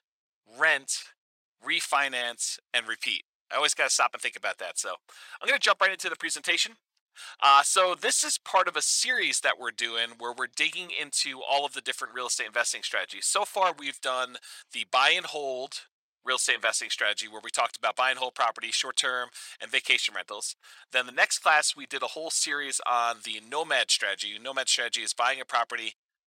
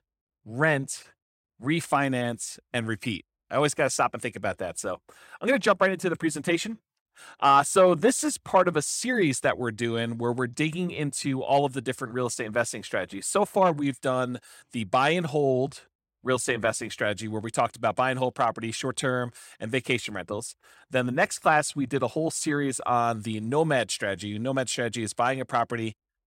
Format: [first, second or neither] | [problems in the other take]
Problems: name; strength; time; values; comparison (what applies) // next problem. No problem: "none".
second | thin; very; fading below 850 Hz